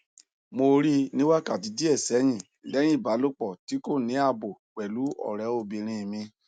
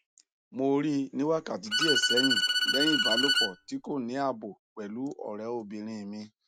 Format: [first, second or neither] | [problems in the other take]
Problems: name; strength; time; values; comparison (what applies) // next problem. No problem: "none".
first | background sound (Bowed string instrument); 4 dB above the speech